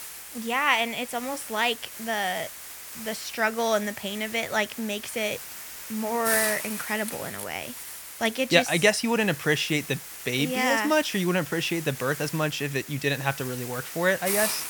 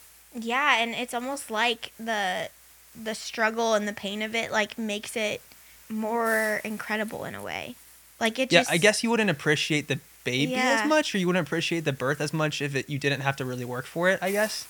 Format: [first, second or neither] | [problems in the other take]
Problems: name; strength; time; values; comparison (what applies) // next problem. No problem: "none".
second | hiss; loud; throughout; 8 dB below the speech; faint in the second